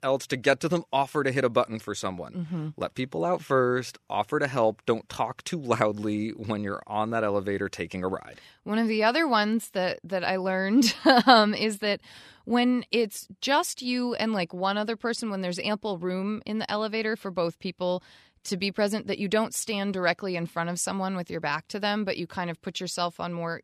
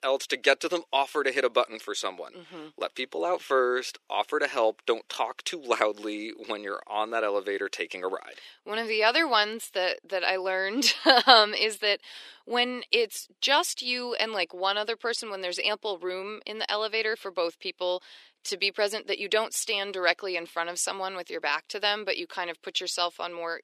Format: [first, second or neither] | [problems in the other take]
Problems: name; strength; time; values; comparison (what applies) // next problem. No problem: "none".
first | thin; somewhat; fading below 350 Hz